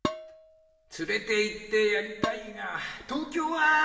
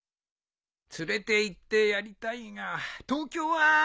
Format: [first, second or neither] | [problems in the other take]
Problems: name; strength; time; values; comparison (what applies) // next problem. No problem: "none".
second | background sound (Dishes, pots, and pans); 9 dB below the speech // room echo; dies away in 2.8 s